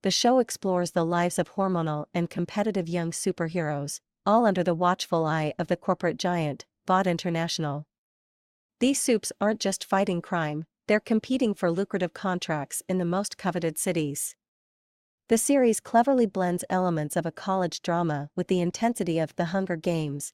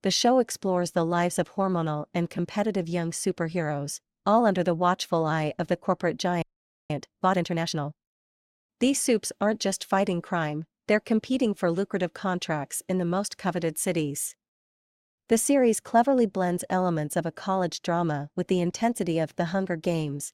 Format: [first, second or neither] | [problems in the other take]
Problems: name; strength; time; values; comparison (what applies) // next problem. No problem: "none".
first | audio freezing; at 6.5 s